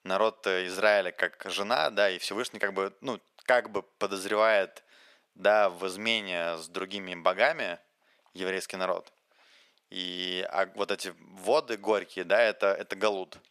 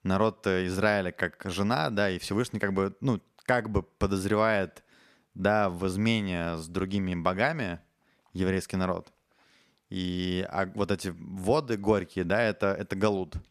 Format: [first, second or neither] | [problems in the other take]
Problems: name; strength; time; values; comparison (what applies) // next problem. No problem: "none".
second | thin; very; fading below 450 Hz